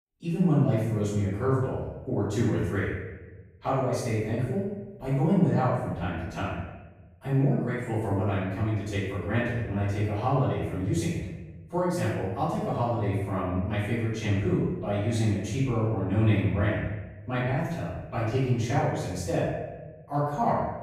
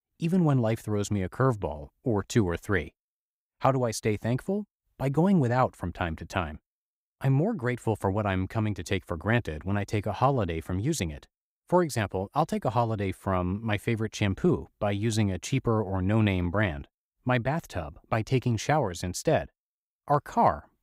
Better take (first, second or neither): second